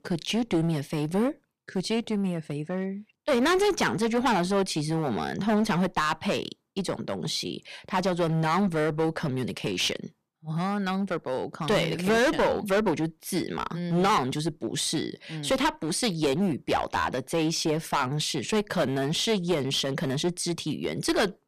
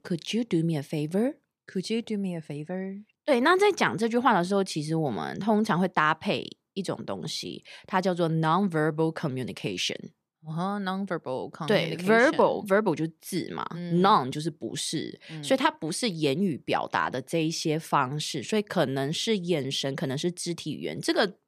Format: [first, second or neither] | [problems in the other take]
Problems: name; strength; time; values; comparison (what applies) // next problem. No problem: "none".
second | distortion; heavy; 10% of the sound clipped